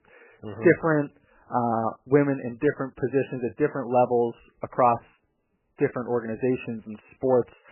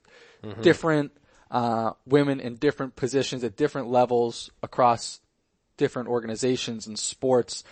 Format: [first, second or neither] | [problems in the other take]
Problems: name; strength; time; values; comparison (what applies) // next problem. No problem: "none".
second | garbled, watery; badly; nothing above 2.5 kHz; slightly in the second